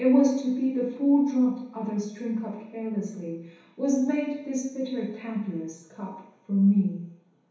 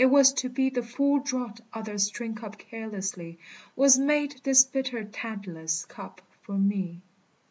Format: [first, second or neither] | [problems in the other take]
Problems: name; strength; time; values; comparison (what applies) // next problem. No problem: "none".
second | room echo; dies away in 2.2 s